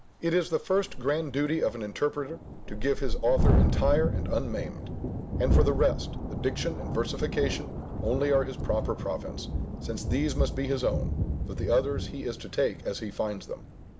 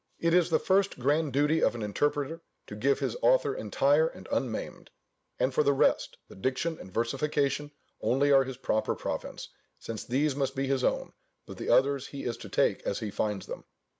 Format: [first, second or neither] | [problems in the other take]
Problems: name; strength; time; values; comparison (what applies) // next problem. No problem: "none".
second | background sound (Thunderstorm); as loud as the speech